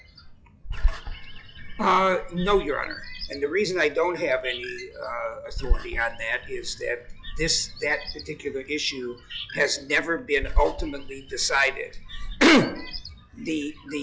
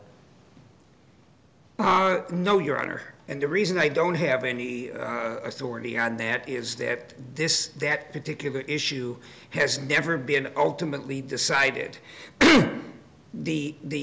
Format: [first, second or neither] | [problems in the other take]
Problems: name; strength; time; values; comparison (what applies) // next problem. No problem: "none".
second | noise reduction (classical method log-MMSE)